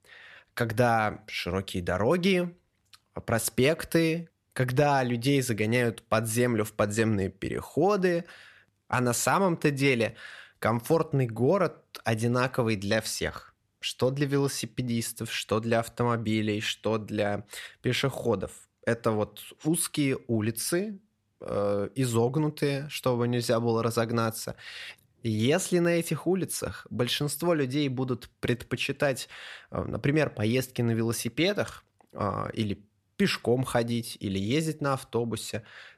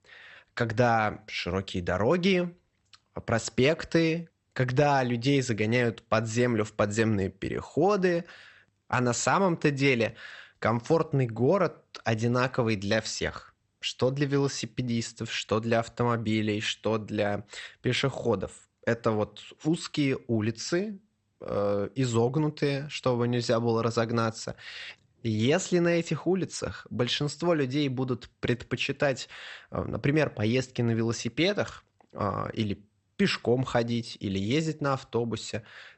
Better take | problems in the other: first | garbled, watery; slightly; nothing above 8 kHz

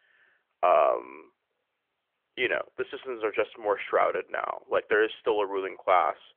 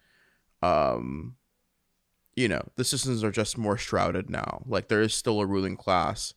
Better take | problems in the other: second | phone-call audio; nothing above 3.5 kHz

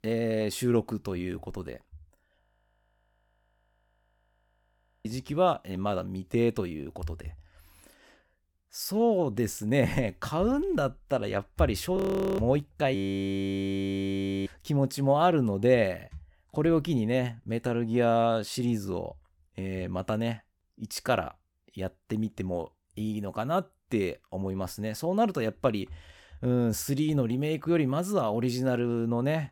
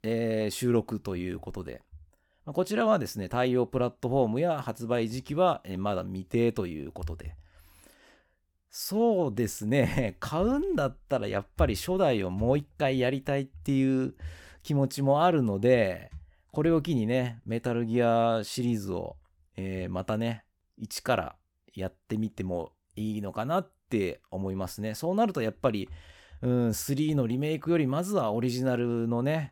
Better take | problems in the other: second | audio freezing; at 2.5 s for 2.5 s, at 12 s and at 13 s for 1.5 s

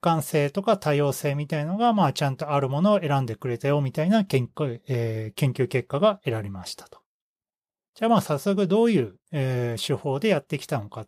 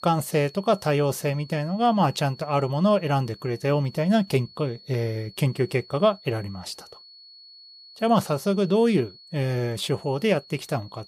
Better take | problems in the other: first | high-pitched whine; faint; throughout; 4.5 kHz, 20 dB below the speech

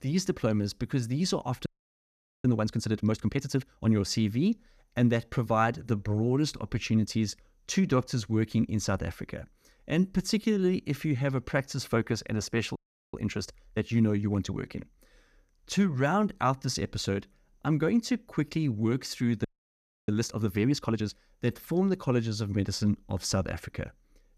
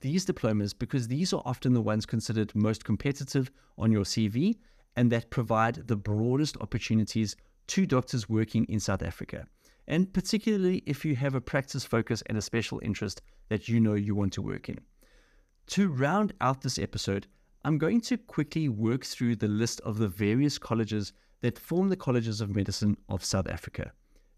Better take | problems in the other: second | audio freezing; at 1.5 s for 1 s, at 13 s and at 19 s for 0.5 s

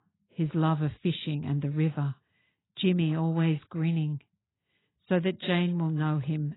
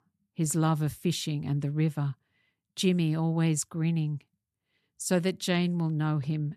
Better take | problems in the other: second | garbled, watery; badly; nothing above 4 kHz

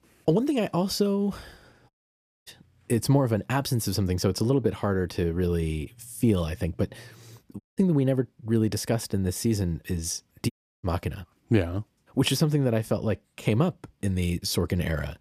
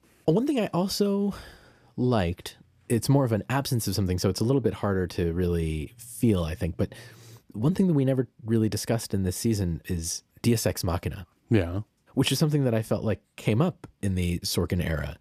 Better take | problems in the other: second | audio cutting out; at 2 s for 0.5 s, at 7.5 s and at 11 s

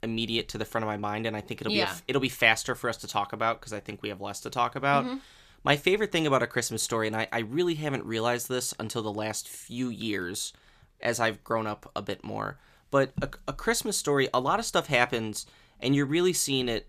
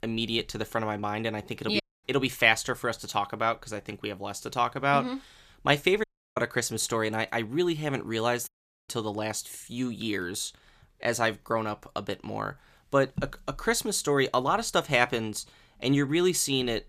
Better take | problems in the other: first | audio cutting out; at 2 s, at 6 s and at 8.5 s

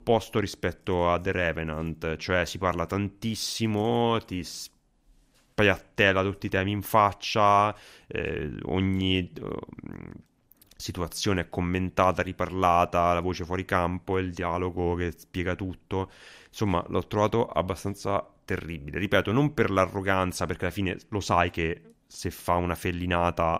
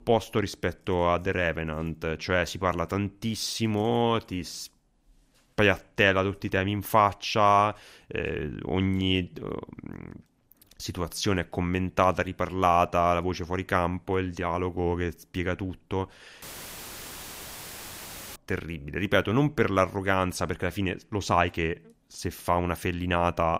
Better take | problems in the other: first | audio cutting out; filled with static; at 16 s for 2 s

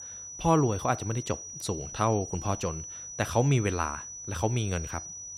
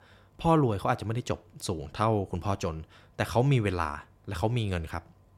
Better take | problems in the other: second | high-pitched whine; loud; throughout; 6 kHz, 9 dB below the speech

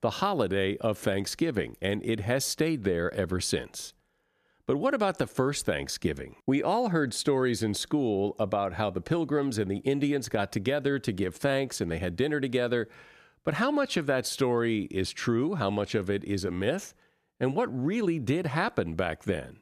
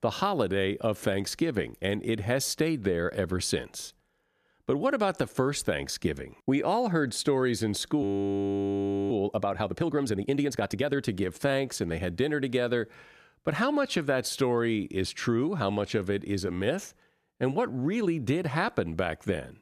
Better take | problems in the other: first | audio freezing; at 8 s for 1 s

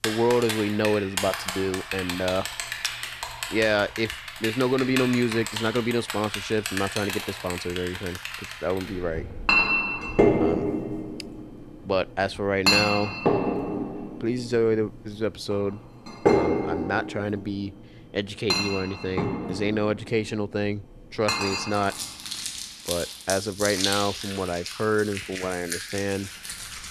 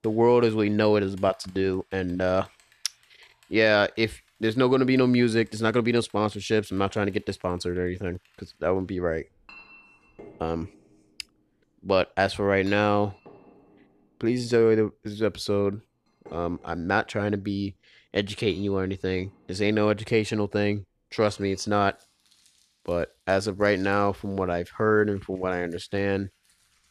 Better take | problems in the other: second | household noises; loud; throughout; as loud as the speech; faint in the second

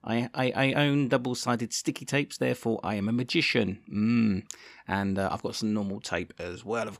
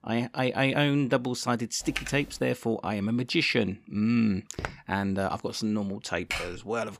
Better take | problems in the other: first | keyboard typing; noticeable; at 2 s and at 6.5 s; peak 5 dB below the speech // footsteps; noticeable; at 4.5 s; peak 10 dB below the speech

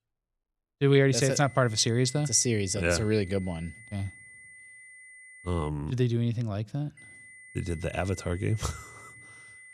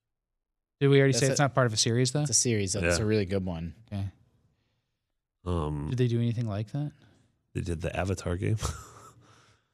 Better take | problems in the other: second | high-pitched whine; faint; from 1 to 5.5 s and from 7 s on; 2 kHz, 20 dB below the speech

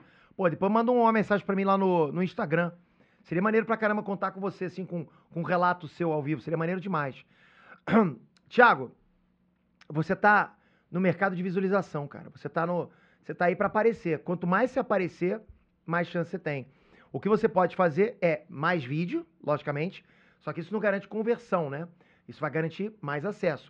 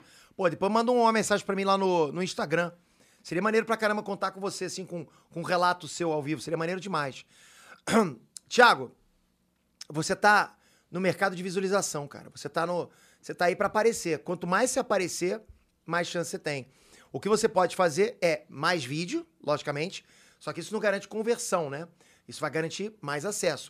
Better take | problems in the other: second | muffled; very; fading above 2.5 kHz

